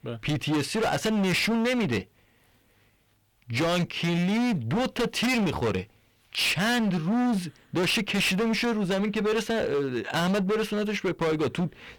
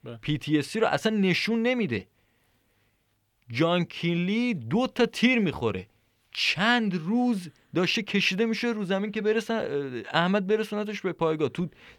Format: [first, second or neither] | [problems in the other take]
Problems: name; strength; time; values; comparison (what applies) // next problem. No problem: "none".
second | distortion; heavy; 25% of the sound clipped